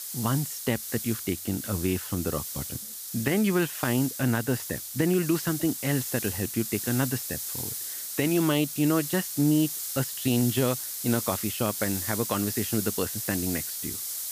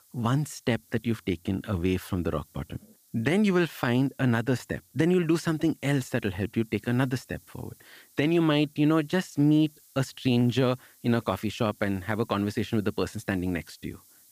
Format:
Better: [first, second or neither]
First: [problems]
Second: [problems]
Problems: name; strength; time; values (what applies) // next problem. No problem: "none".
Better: second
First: hiss; loud; throughout; 4 dB below the speech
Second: hiss; faint; throughout; 30 dB below the speech